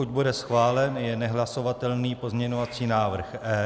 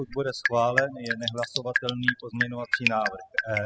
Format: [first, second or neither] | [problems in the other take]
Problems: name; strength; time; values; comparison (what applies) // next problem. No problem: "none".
first | noise reduction (classical method spectral subtraction)